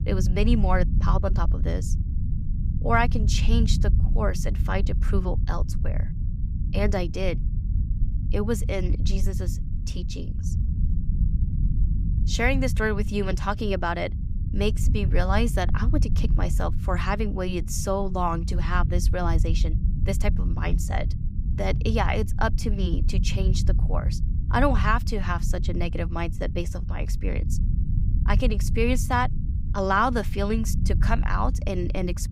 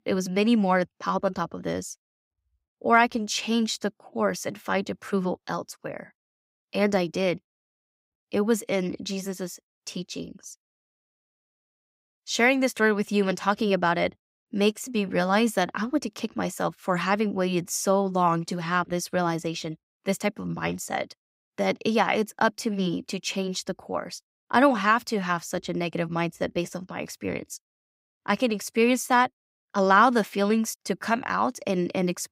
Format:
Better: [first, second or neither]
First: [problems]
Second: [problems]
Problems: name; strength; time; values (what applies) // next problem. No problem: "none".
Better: second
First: low rumble; noticeable; throughout; 15 dB below the speech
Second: none